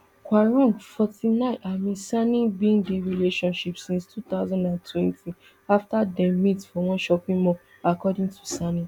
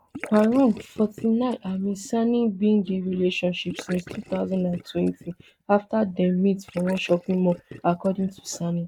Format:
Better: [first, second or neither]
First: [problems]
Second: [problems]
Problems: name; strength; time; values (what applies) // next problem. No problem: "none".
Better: first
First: none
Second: noise reduction (neural mask model Resemble Enhance denoiser)